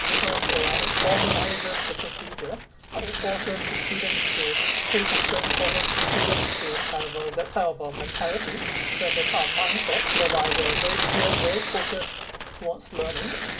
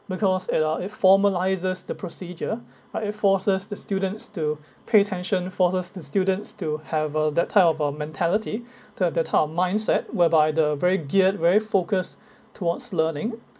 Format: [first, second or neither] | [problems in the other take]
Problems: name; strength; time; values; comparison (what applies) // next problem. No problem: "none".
second | background sound (Tearing); 4 dB above the speech // room echo; dies away in 0.2 s